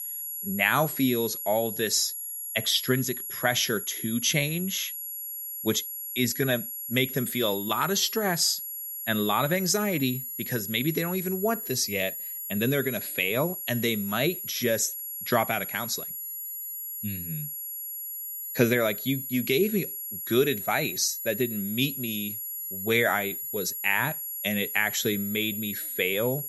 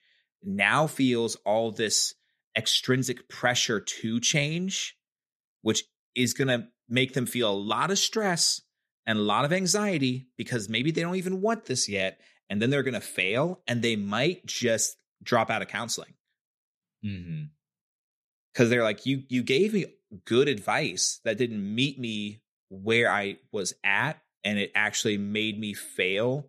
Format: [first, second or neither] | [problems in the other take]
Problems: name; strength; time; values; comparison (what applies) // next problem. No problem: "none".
second | high-pitched whine; loud; throughout; 11.5 kHz, 5 dB below the speech